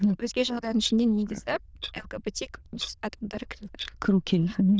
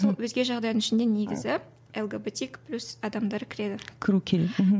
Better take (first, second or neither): second